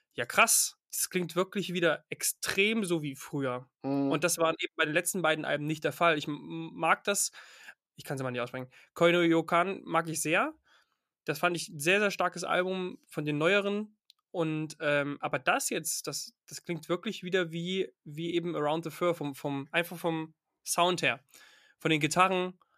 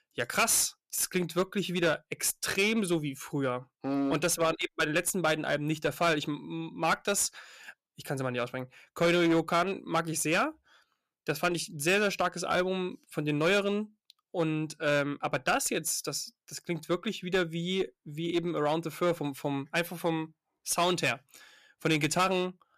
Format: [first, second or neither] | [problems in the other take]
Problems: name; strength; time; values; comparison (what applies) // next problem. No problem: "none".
first | distortion; slight; 5% of the sound clipped